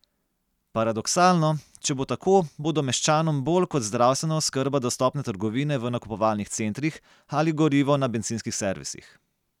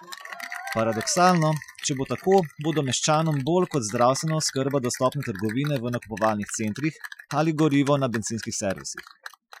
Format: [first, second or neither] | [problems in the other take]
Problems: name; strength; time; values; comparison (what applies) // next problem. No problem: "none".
first | noise reduction (classical method Wiener filter)